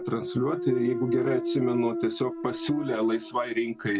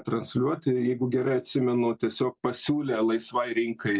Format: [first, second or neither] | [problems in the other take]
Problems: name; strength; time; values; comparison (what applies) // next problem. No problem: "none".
second | background sound (Thump, thud); 6 dB below the speech